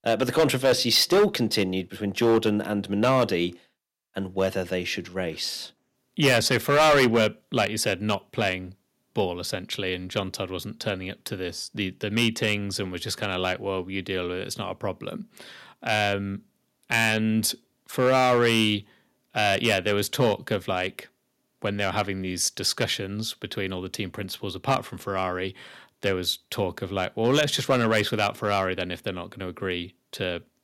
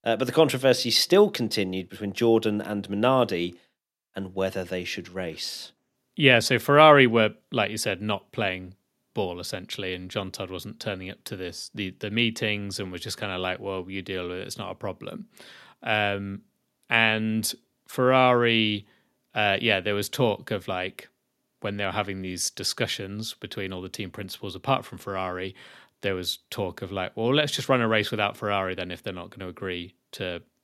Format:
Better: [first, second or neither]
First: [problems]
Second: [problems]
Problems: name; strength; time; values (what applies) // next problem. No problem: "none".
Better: second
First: distortion; heavy; 3% of the sound clipped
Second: none